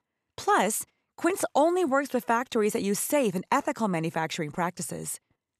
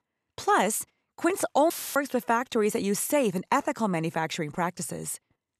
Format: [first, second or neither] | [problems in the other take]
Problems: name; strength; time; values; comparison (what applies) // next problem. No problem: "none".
first | audio cutting out; filled with static; at 1.5 s